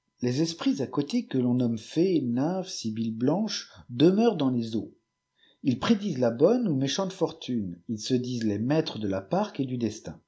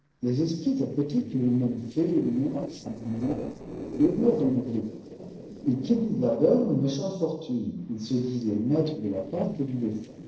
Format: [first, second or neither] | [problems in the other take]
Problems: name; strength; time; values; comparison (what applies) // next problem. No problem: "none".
first | noise reduction (neural separator model SepFormer DNS4)